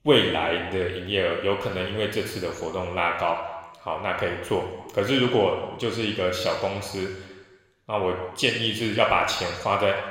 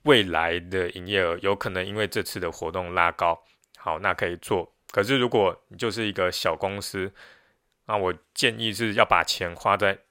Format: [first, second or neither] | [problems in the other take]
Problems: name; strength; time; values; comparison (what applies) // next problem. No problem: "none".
second | room echo; noticeable; dies away in 1.1 s